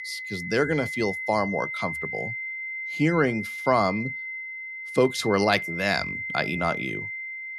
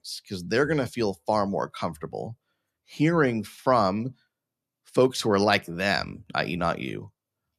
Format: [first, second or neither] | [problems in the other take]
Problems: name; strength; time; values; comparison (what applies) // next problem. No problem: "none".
second | high-pitched whine; loud; throughout; 2 kHz, 5 dB below the speech